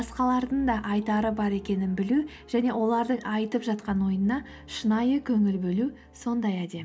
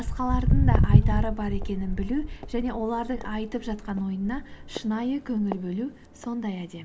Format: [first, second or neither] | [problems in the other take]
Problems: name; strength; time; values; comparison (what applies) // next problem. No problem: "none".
first | background sound (Walk, footsteps); 4 dB above the speech